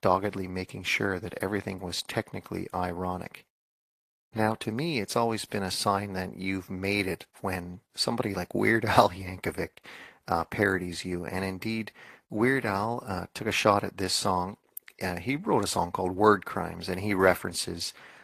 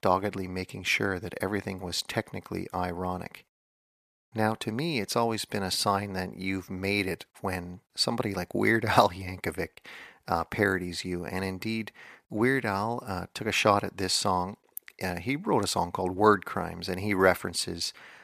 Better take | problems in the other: second | garbled, watery; slightly; nothing above 14.5 kHz

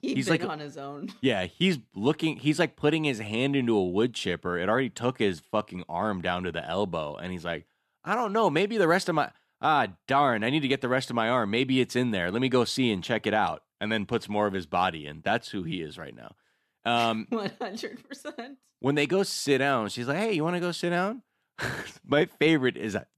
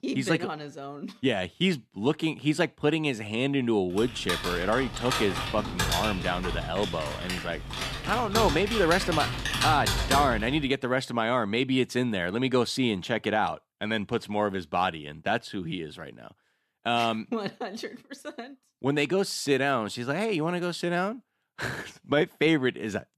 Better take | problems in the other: first | keyboard typing; loud; from 4 to 11 s; peak 2 dB above the speech

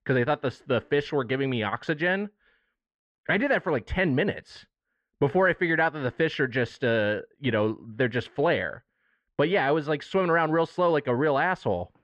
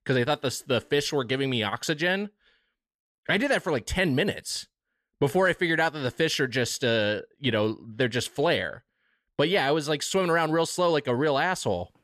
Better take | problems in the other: second | muffled; very; fading above 2 kHz

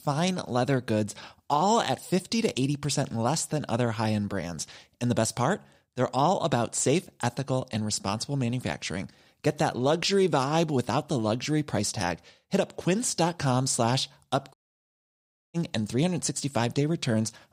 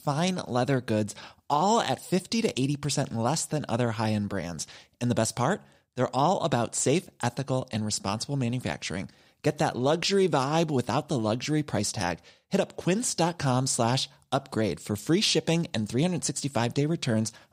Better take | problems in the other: second | audio cutting out; at 15 s for 1 s

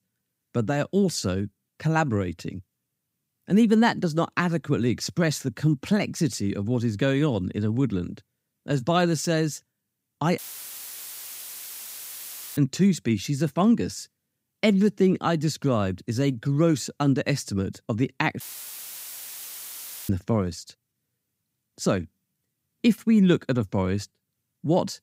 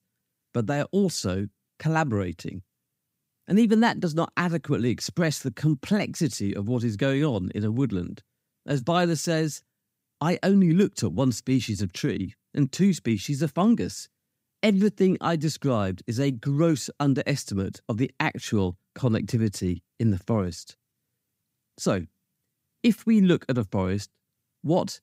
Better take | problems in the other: second | audio cutting out; filled with static; at 10 s for 2 s and at 18 s for 1.5 s

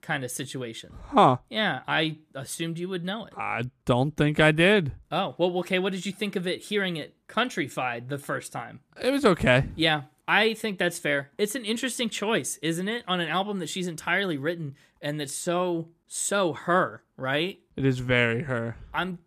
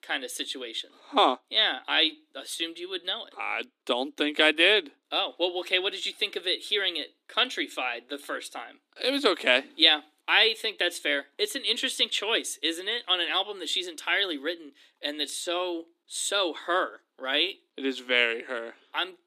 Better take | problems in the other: first | thin; somewhat; fading below 250 Hz

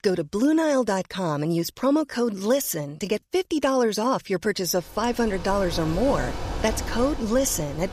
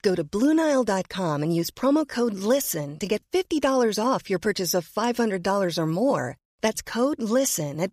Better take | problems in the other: second | traffic noise; loud; from 5.5 s on; 10 dB below the speech

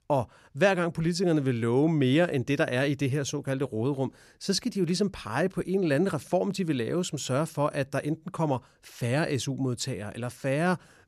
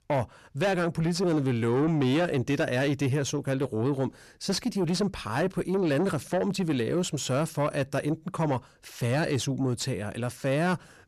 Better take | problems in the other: first | distortion; slight; 10 dB below the speech

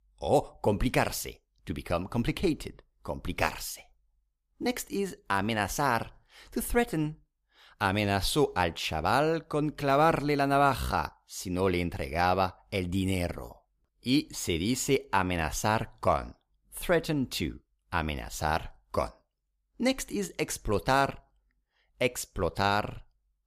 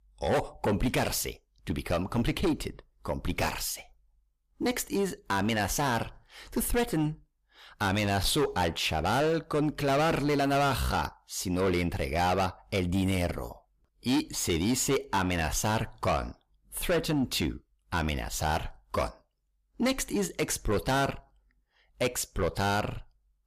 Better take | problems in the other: first | distortion; heavy; 7 dB below the speech

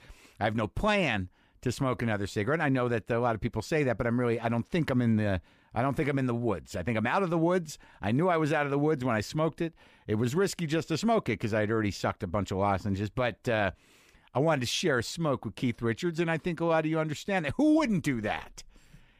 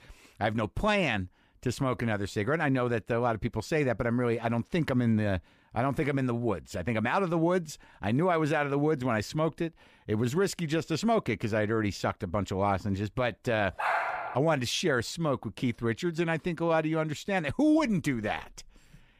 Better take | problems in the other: first | dog barking; loud; at 14 s; peak level with the speech

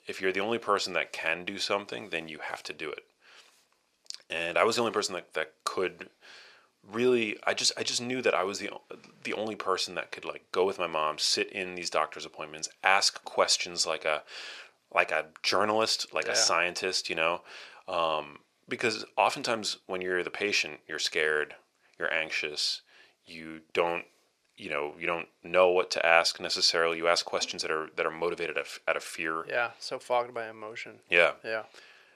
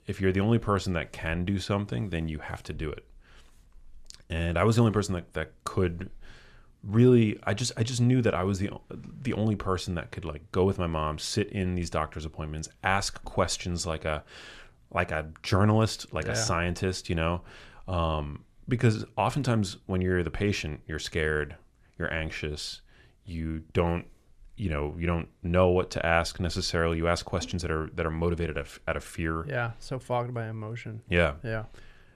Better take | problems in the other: second | thin; very; fading below 550 Hz

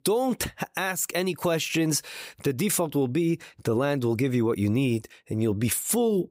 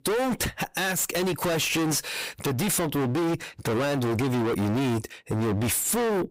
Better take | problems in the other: first | distortion; heavy; 40% of the sound clipped

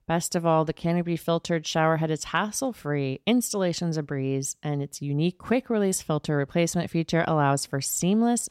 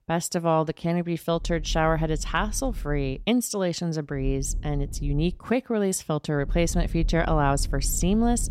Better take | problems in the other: first | low rumble; faint; from 1.5 to 3 s, from 4 to 5.5 s and from 6.5 s on; 25 dB below the speech

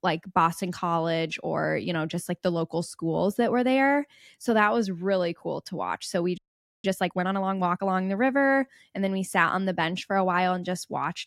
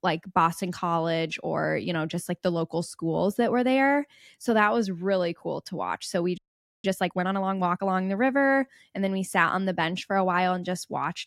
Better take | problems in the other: neither | audio freezing; at 6.5 s; the same in both

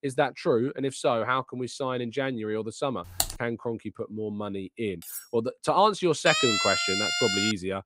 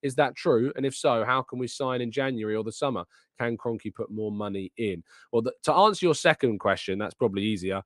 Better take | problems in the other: second | keyboard typing; noticeable; at 3 s; peak 1 dB below the speech // clattering dishes; faint; at 5 s; peak 10 dB below the speech // siren; loud; from 6.5 s on; peak 5 dB above the speech

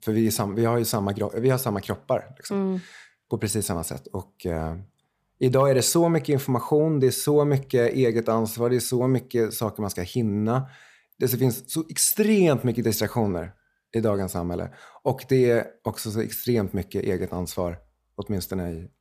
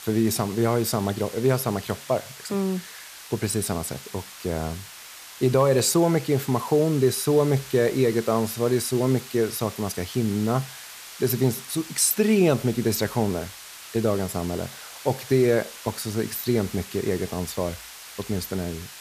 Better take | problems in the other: first | hiss; noticeable; throughout; 15 dB below the speech

